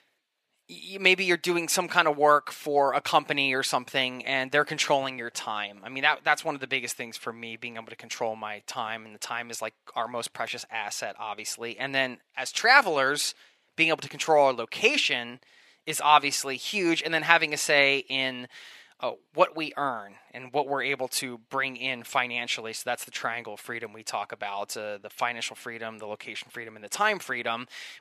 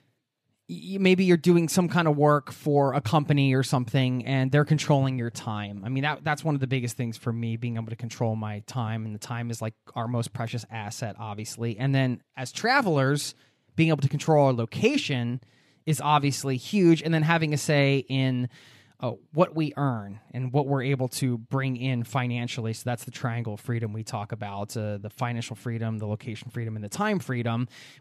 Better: second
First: thin; very; fading below 550 Hz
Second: none

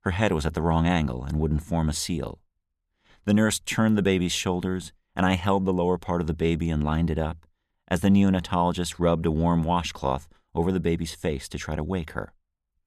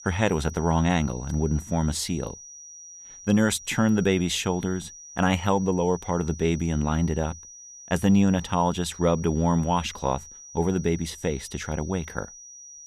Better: first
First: none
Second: high-pitched whine; noticeable; throughout; 6 kHz, 15 dB below the speech

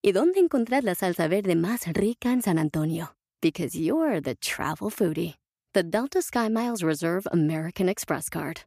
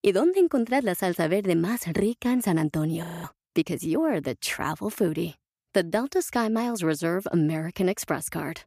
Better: first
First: none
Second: audio freezing; at 3 s

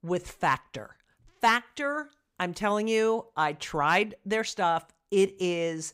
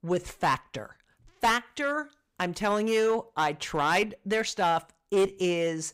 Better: first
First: none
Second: distortion; slight; 5% of the sound clipped

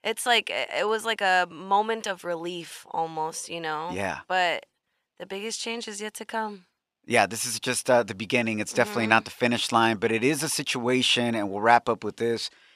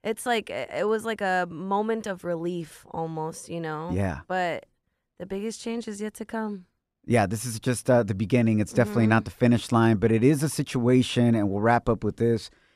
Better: second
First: thin; somewhat; fading below 650 Hz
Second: none

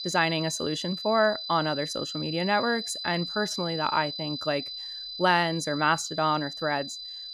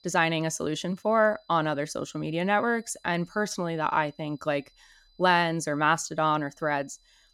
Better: second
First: high-pitched whine; loud; throughout; 4 kHz, 7 dB below the speech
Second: high-pitched whine; faint; throughout; 4 kHz, 35 dB below the speech

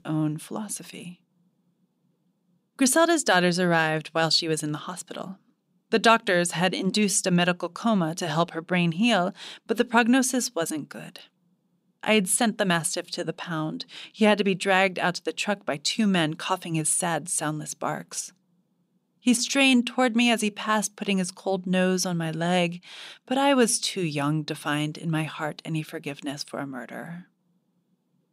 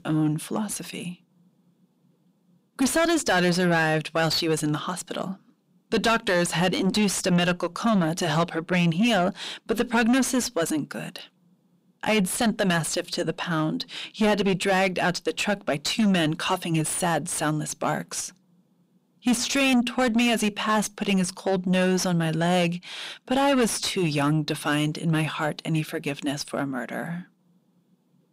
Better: first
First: none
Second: distortion; heavy; 7 dB below the speech

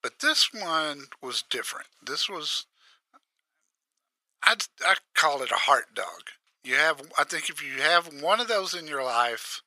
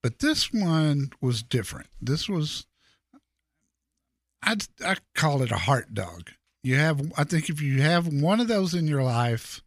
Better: second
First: thin; very; fading below 500 Hz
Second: none

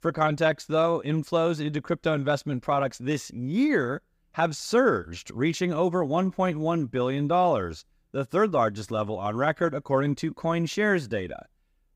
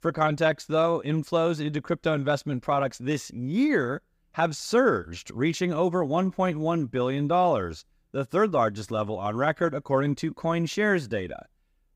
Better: neither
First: none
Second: none

